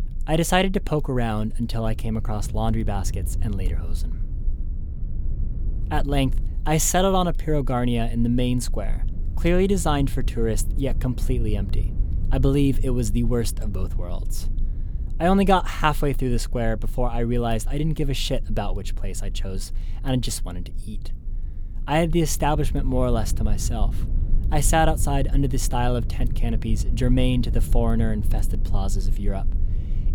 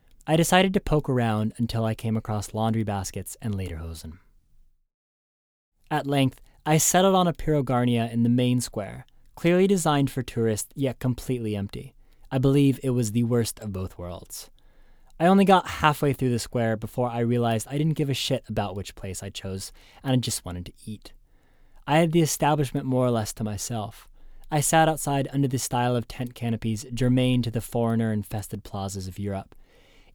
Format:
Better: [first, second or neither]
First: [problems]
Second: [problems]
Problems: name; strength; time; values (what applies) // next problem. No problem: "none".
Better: second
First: low rumble; faint; throughout; 20 dB below the speech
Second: none